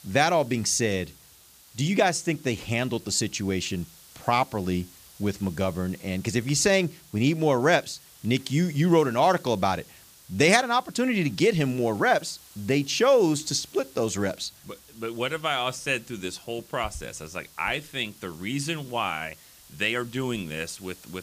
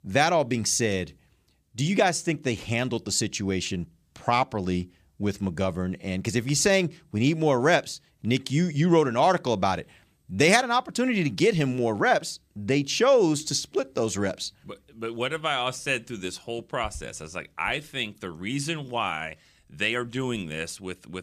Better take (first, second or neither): second